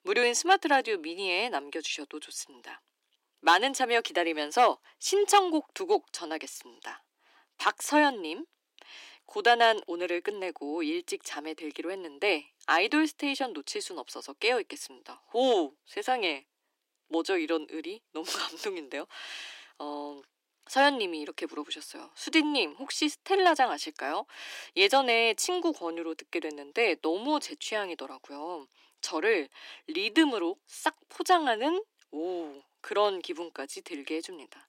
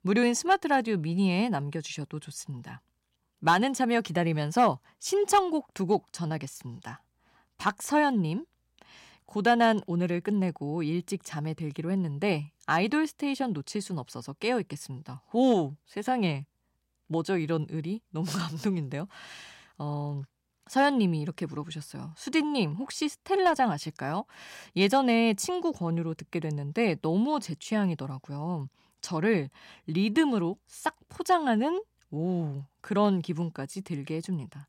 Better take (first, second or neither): second